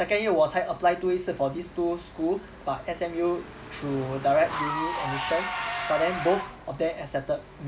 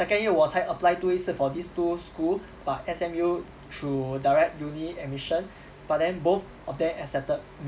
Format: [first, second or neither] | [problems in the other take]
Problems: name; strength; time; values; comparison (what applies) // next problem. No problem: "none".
second | background sound (Engine / Car); 9 dB below the speech